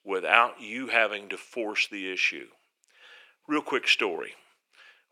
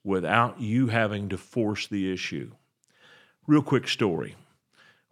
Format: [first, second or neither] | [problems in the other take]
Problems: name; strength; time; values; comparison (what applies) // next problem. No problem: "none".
second | thin; somewhat; fading below 400 Hz